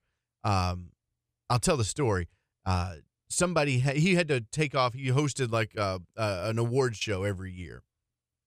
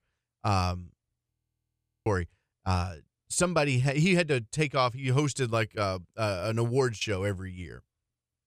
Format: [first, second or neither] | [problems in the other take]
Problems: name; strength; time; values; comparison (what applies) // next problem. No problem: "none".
first | audio freezing; at 1.5 s for 1 s